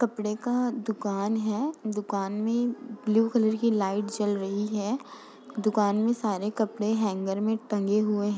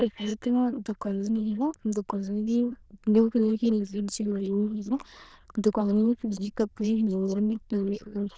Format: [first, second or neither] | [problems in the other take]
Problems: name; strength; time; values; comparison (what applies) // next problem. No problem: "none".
first | noise reduction (neural diffusion model UNIVERSE++)